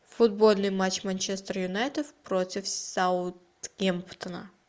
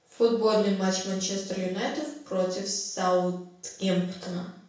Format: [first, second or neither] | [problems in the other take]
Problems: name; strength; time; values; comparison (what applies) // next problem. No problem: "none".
first | room echo; dies away in 0.6 s